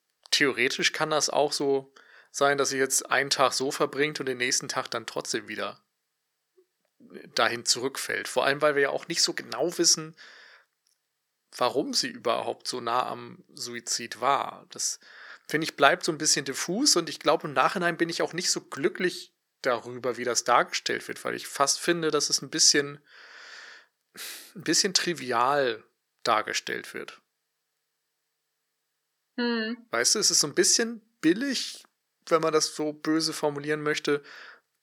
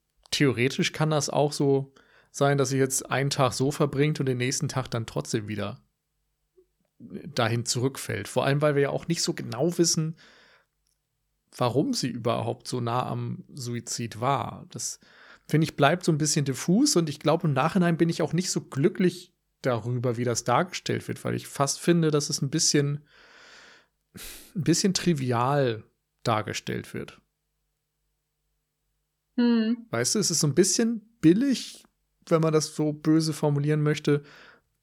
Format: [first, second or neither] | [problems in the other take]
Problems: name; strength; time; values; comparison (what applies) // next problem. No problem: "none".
second | thin; somewhat; fading below 400 Hz